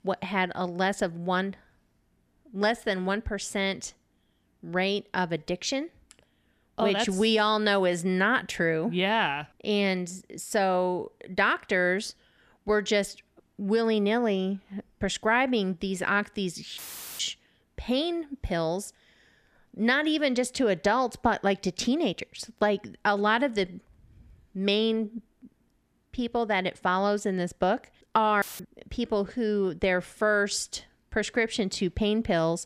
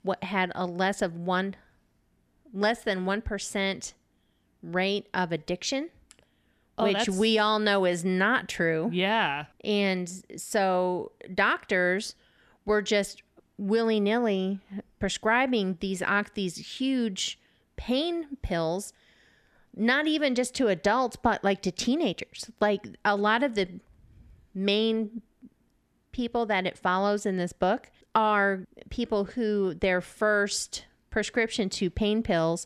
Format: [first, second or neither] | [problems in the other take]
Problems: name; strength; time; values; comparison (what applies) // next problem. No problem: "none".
second | audio cutting out; filled with static; at 17 s and at 28 s